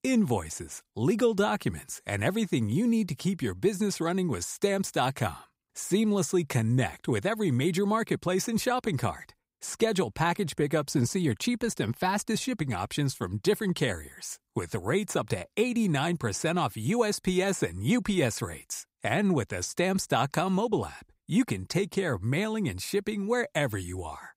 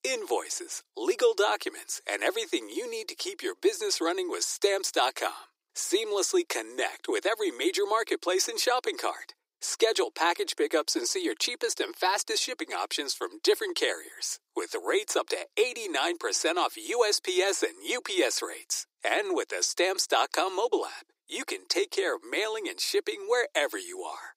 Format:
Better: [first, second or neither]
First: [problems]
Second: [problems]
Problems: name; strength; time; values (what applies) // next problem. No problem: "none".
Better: first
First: none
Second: thin; very; fading below 300 Hz